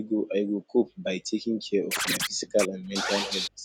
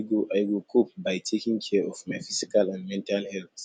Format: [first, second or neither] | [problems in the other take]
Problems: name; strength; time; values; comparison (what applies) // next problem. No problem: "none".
second | background sound (Scratching (performance technique)); 5 dB below the speech